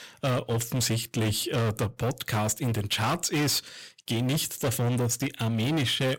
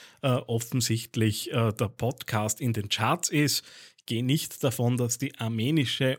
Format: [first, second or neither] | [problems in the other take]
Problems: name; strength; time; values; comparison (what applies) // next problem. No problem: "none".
second | distortion; heavy; 23% of the sound clipped